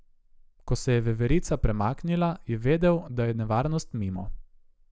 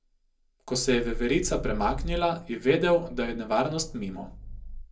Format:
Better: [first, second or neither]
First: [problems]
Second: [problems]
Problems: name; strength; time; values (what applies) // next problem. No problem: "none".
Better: first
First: none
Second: room echo; dies away in 0.2 s